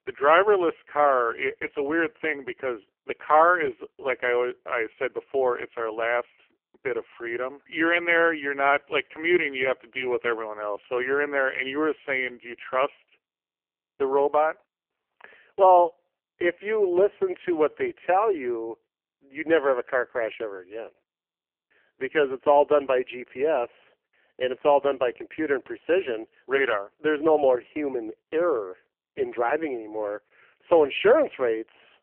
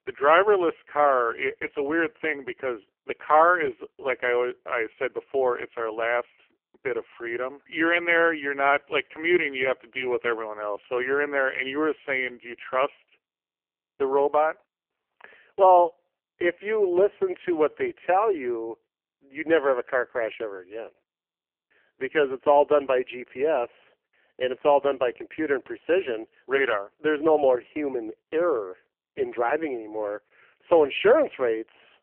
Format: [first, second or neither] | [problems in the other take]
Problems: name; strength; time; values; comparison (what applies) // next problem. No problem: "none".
neither | phone-call audio; poor line; nothing above 3 kHz; the same in both